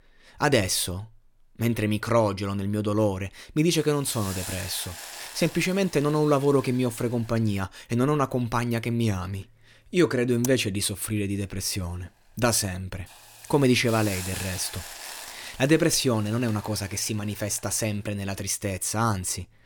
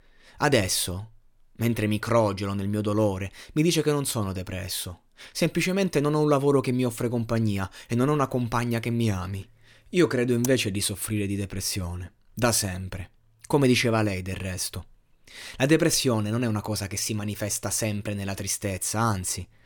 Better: second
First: hiss; noticeable; from 3.5 to 7.5 s and from 11 to 18 s; 15 dB below the speech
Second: none

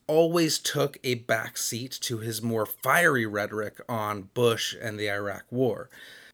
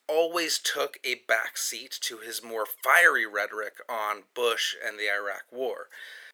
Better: first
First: none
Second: thin; very; fading below 450 Hz

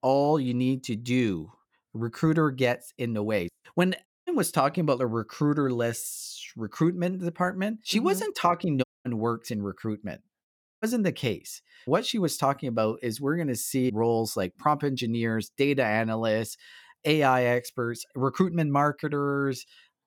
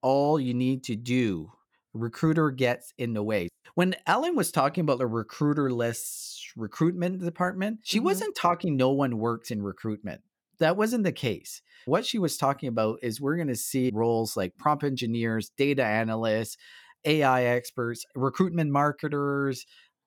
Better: second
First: audio cutting out; at 4 s, at 9 s and at 10 s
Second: none

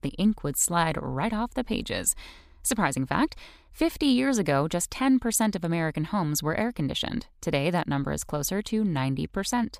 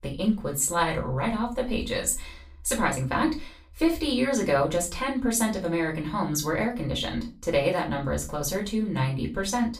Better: first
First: none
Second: off-mic speech; far // room echo; very slight; dies away in 0.2 s

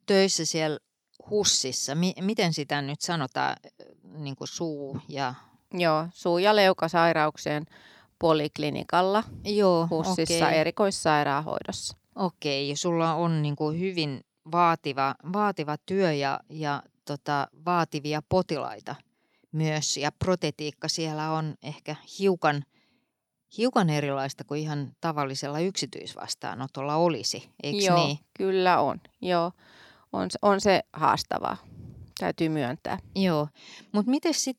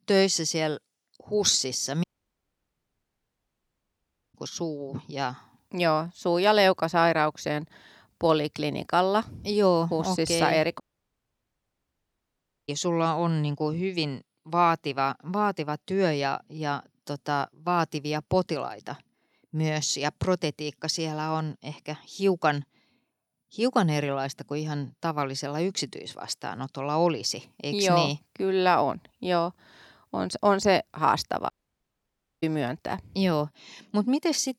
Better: first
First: none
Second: audio cutting out; at 2 s for 2.5 s, at 11 s for 2 s and at 32 s for 1 s

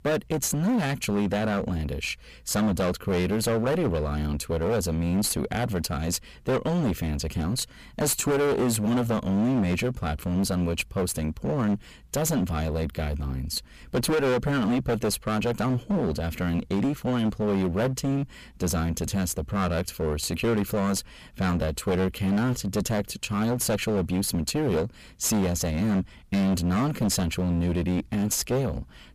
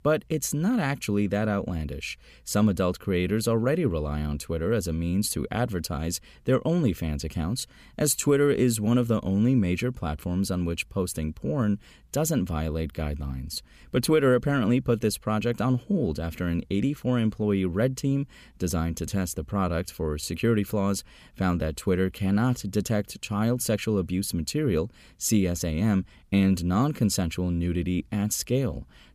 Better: second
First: distortion; heavy; 20% of the sound clipped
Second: none

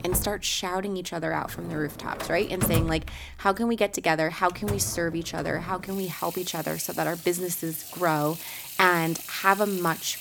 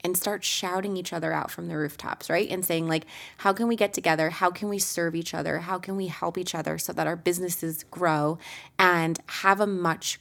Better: second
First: household noises; loud; throughout; 9 dB below the speech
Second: none

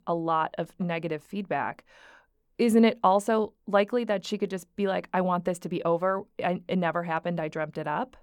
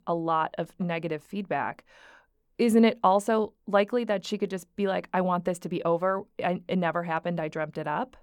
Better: neither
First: none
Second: none

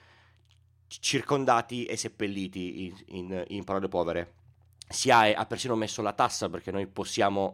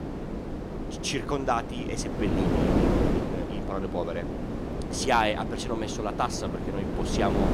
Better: first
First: none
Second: wind noise on the microphone; heavy; 4 dB below the speech

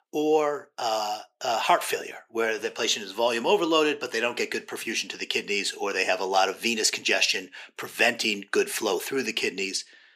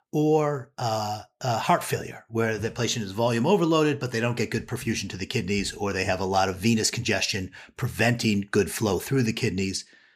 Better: second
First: thin; somewhat; fading below 350 Hz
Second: none

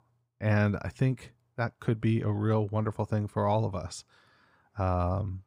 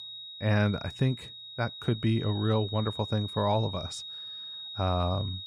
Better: first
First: none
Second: high-pitched whine; loud; throughout; 4 kHz, 10 dB below the speech

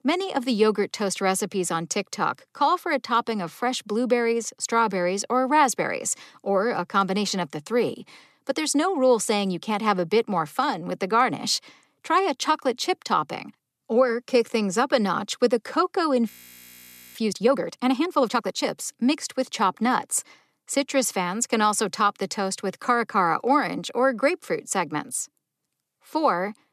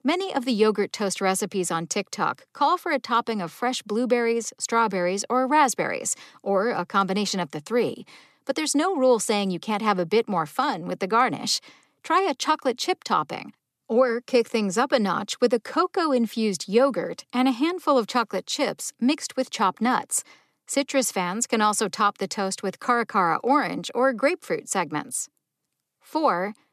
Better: second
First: audio freezing; at 16 s for 1 s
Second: none

